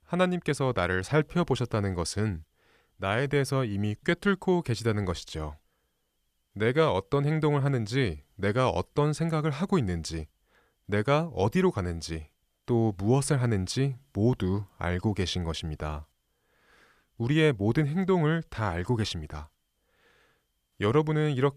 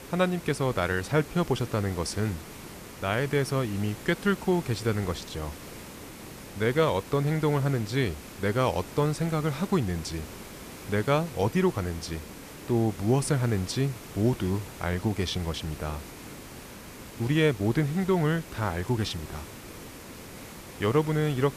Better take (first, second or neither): first